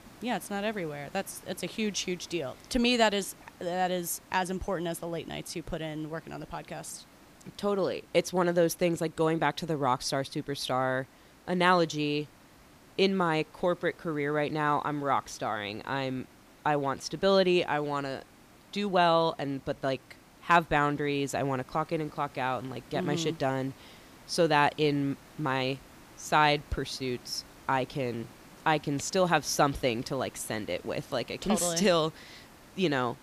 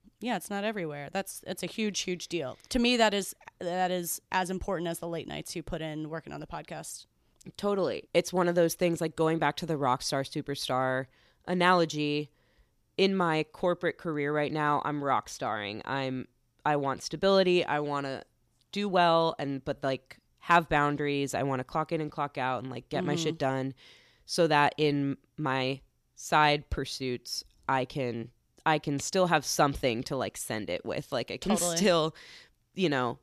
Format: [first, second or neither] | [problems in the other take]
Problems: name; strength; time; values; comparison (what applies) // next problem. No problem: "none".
second | hiss; faint; throughout; 25 dB below the speech